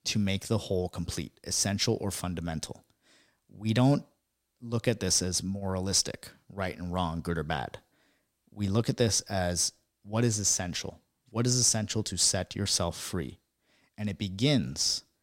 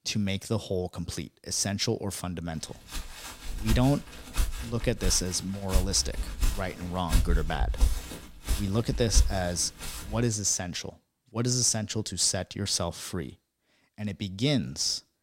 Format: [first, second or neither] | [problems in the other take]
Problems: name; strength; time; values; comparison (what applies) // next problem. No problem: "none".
first | footsteps; loud; from 3 to 10 s; peak 1 dB above the speech